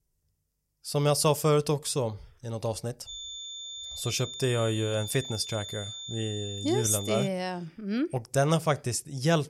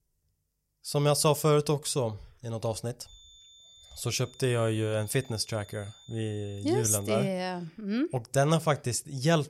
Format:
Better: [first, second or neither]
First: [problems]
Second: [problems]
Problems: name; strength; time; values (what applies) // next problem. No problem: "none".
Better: second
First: high-pitched whine; loud; from 3 to 7.5 s; 3.5 kHz, 9 dB below the speech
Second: high-pitched whine; faint; from 3 to 7.5 s; 3.5 kHz, 25 dB below the speech